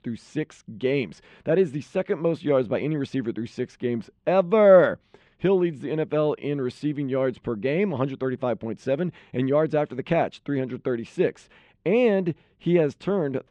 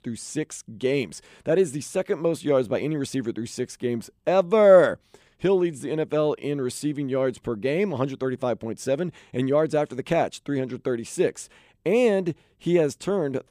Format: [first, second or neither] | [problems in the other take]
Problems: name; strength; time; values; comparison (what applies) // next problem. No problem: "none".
second | muffled; slightly; fading above 3 kHz